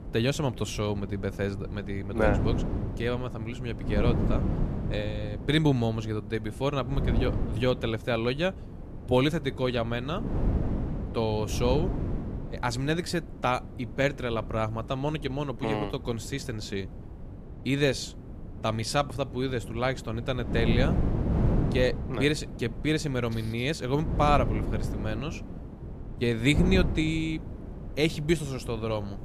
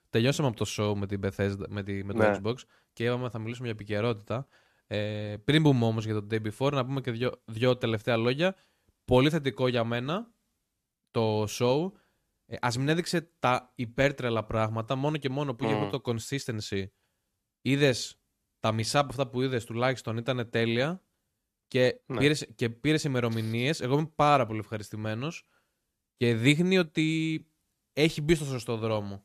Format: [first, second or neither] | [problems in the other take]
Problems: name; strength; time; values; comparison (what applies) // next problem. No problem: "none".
second | wind noise on the microphone; occasional gusts; 10 dB below the speech